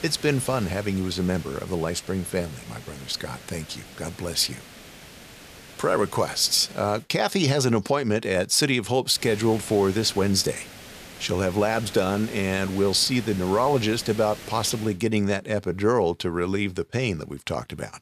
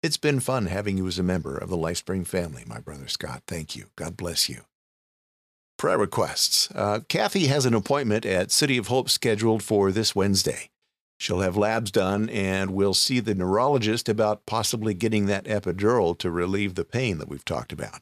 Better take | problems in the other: second | hiss; noticeable; until 7 s and from 9 to 15 s; 15 dB below the speech

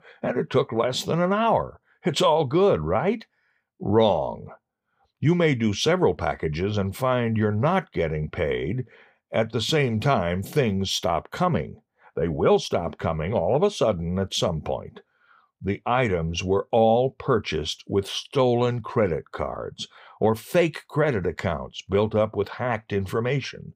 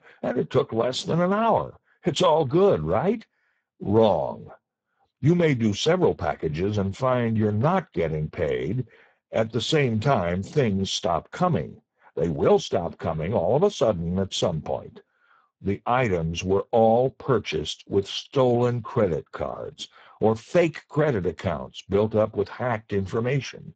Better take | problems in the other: first | garbled, watery; badly; nothing above 7.5 kHz

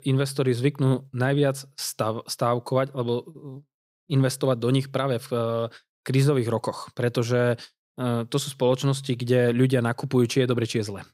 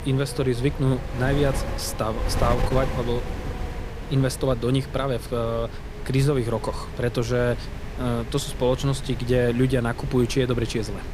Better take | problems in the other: first | wind noise on the microphone; heavy; 10 dB below the speech

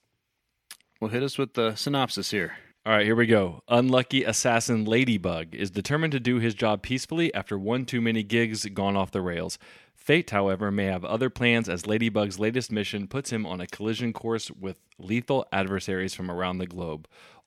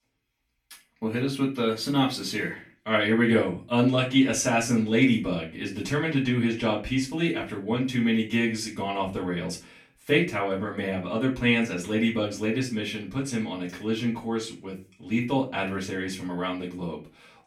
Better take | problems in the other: first | room echo; slight; dies away in 0.3 s // off-mic speech; far

